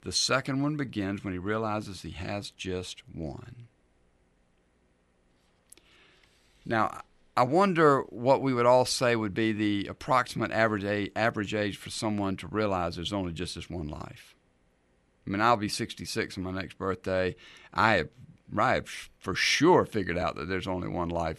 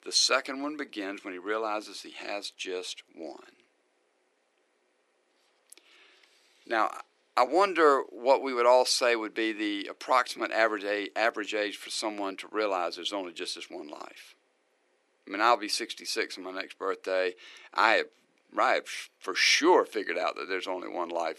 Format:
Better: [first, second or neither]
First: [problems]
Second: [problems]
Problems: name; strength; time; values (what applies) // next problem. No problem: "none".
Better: first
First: none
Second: thin; somewhat; fading below 300 Hz